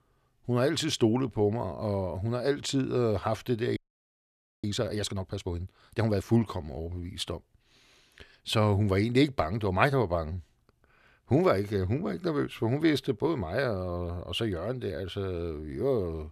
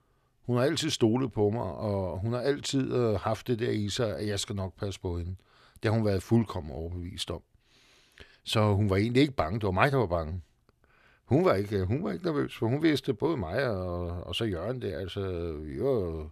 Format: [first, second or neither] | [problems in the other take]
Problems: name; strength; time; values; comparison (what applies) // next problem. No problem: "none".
second | audio freezing; at 4 s for 1 s